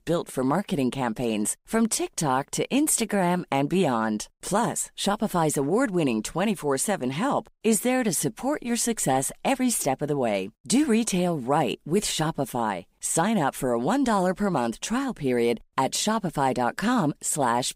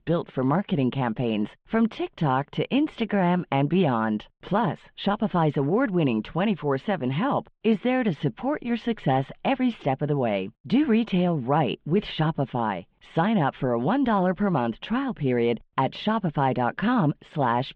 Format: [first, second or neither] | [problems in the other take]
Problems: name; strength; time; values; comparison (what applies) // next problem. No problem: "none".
first | muffled; very; fading above 3.5 kHz